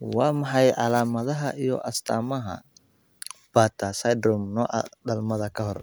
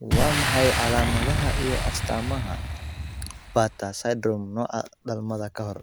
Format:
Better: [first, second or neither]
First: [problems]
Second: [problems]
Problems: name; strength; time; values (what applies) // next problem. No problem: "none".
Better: first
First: none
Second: background sound (Boom); as loud as the speech